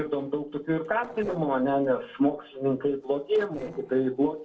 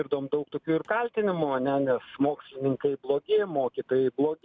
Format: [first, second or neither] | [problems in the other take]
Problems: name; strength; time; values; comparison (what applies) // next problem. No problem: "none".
second | noise reduction (neural separator model SepFormer DNS4)